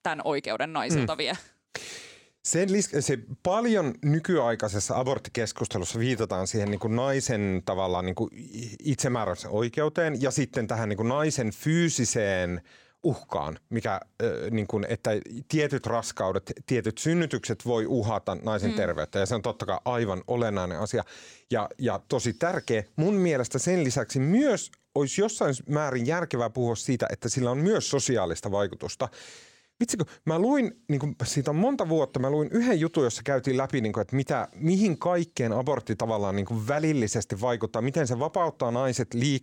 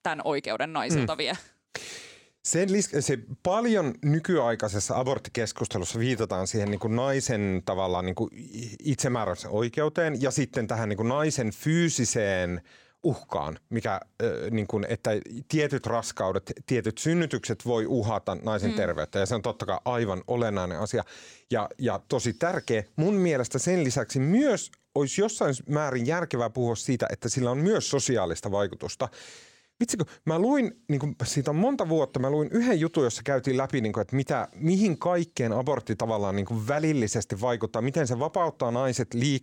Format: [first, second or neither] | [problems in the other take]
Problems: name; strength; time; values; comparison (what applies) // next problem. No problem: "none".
neither | none